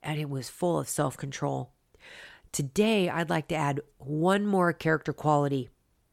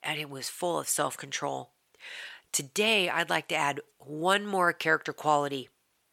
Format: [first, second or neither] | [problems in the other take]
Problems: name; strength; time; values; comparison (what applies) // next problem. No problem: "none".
first | thin; somewhat; fading below 1 kHz